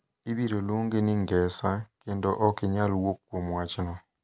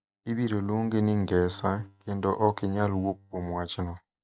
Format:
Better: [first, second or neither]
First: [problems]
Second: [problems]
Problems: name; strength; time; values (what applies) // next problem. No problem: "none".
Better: first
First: none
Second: noise reduction (neural mask model DeepFilterNet 3)